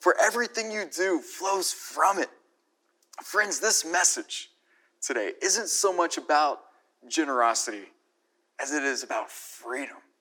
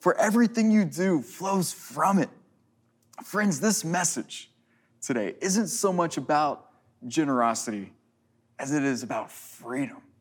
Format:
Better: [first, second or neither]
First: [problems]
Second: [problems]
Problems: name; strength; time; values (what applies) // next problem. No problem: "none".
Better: second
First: thin; very; fading below 350 Hz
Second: none